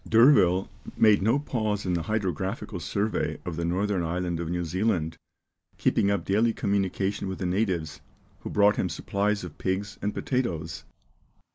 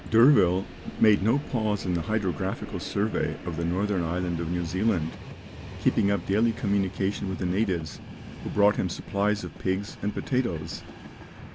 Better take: first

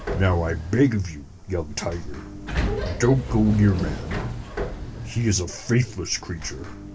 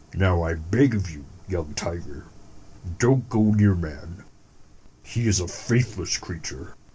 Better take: second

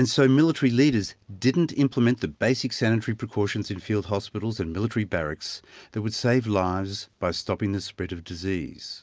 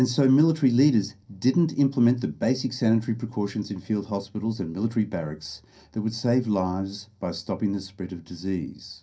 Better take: first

